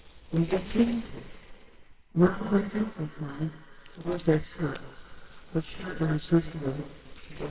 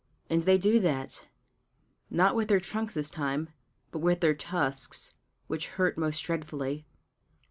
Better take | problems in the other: second | noise reduction (neural separator model SepFormer WHAMR!)

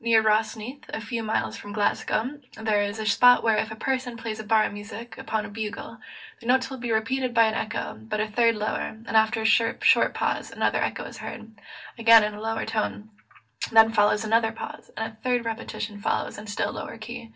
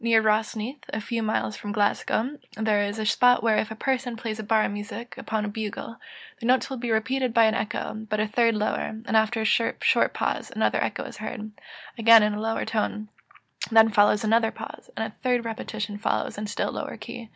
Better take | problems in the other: second | room echo; dies away in 0.2 s

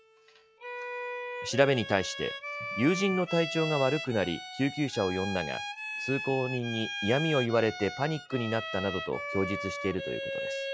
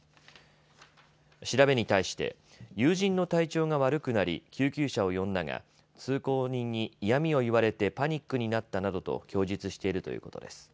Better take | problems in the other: second | noise reduction (classical method log-MMSE)

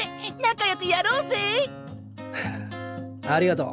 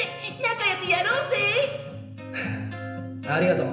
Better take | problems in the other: first | room echo; dies away in 0.9 s

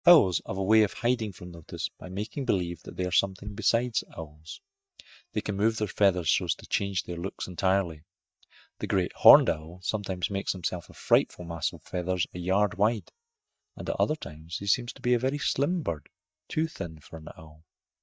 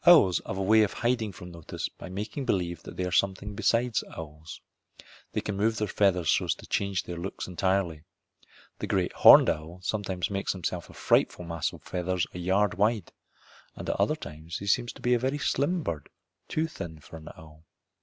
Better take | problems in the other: second | noise reduction (neural mask model DeepFilterNet 3)

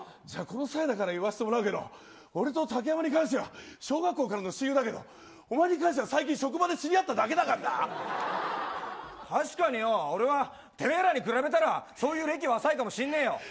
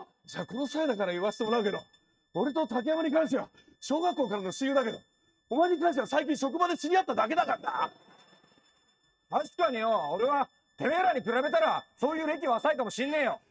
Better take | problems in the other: first | noise reduction (neural mask model RNNoise)

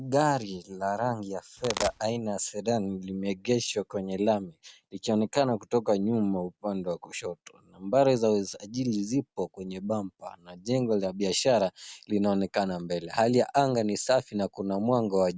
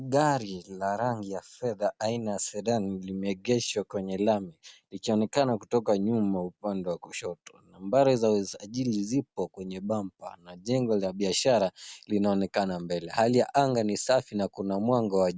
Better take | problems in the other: second | background sound (Domestic sounds, home sounds); 6 dB below the speech

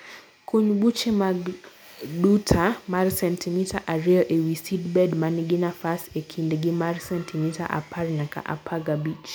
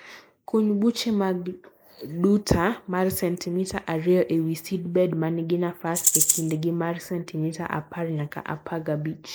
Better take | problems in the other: first | noise reduction (neural mask model Resemble Enhance denoiser)

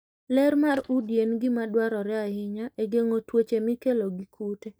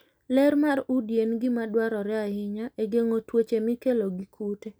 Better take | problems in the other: second | noise reduction (neural mask model DeepFilterNet 3)

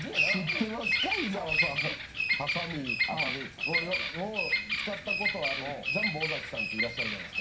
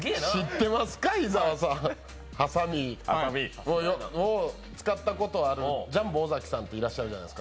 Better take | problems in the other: second | background sound (Bird vocalization, bird call, bird song); 5 dB above the speech // room echo; dies away in 0.3 s

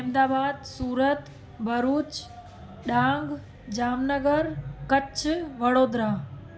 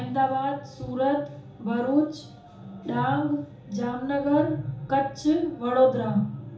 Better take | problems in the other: first | room echo; dies away in 1.2 s

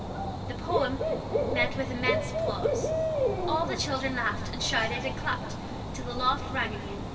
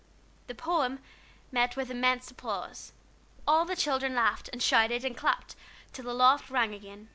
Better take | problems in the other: second | background sound (Bird / Dog); 1 dB above the speech // room echo; dies away in 2.6 s

